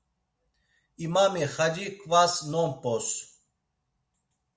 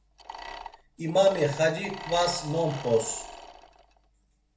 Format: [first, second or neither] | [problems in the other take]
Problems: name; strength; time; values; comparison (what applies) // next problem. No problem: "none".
first | background sound (Mechanisms); 14 dB below the speech // room echo; dies away in 0.3 s